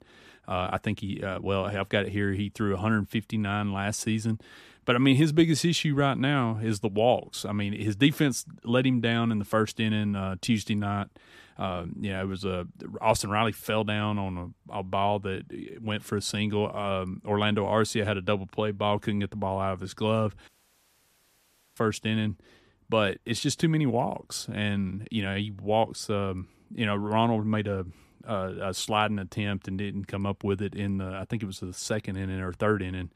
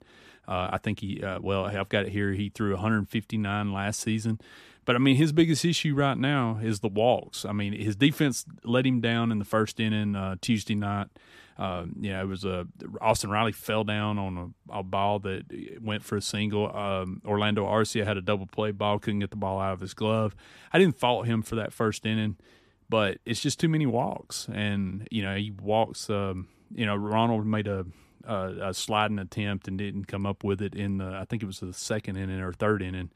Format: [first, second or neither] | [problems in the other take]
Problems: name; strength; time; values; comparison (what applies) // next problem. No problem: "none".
second | audio cutting out; at 20 s for 1.5 s